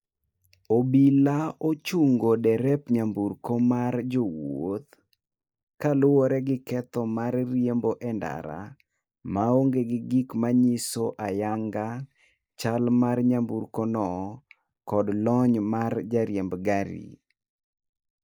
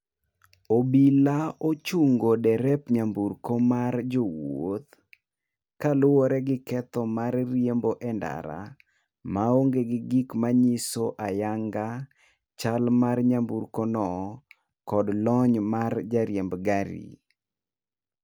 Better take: second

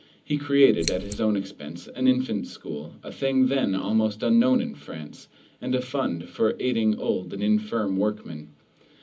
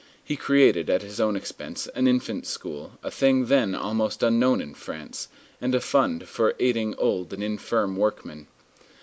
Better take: second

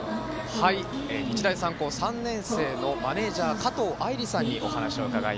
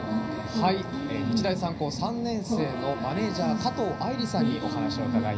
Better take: first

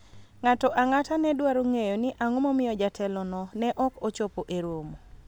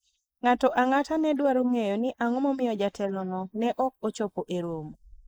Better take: first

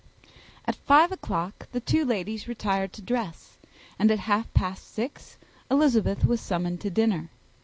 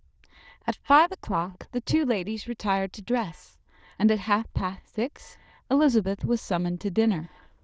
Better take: first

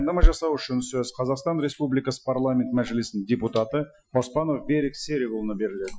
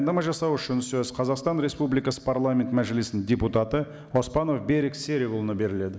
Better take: second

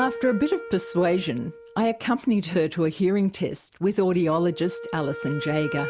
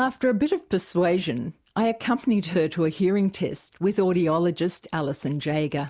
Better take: second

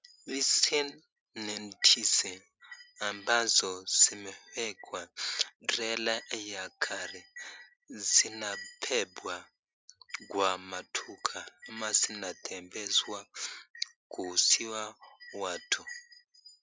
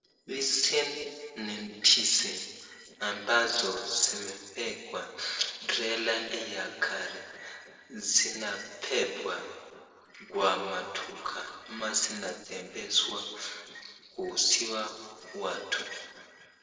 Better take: first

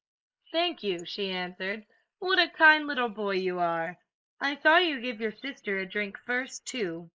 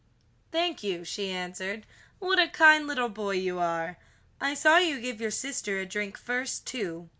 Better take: second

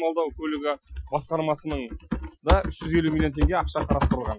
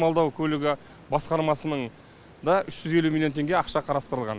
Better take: second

